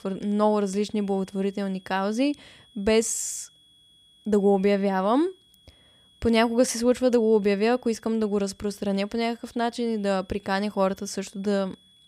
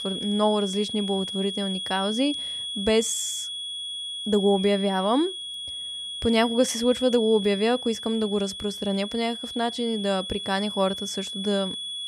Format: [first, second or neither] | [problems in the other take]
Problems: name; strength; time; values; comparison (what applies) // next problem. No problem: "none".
first | high-pitched whine; loud; throughout; 3.5 kHz, 6 dB below the speech; faint in the first